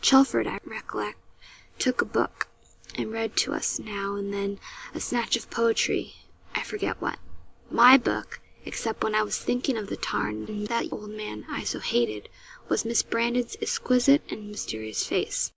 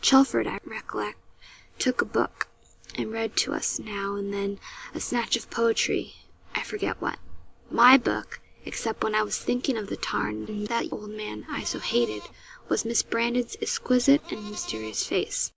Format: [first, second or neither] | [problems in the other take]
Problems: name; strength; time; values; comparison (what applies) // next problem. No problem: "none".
first | background sound (Livestock, farm animals, working animals); 18 dB below the speech